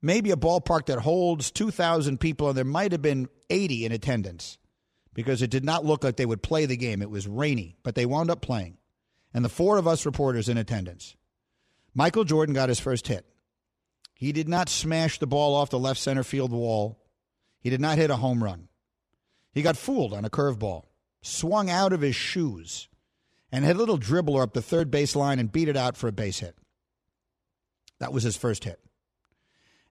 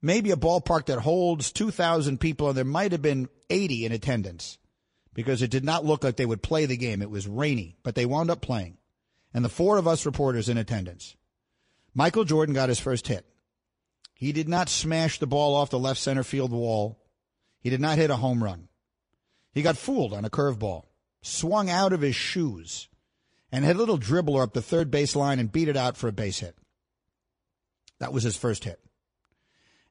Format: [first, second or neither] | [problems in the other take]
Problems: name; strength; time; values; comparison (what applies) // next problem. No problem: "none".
first | garbled, watery; slightly; nothing above 10.5 kHz